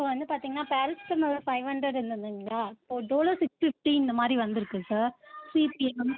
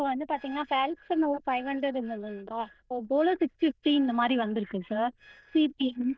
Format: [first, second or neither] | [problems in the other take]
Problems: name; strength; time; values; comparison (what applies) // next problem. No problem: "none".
first | noise reduction (neural diffusion model UNIVERSE++)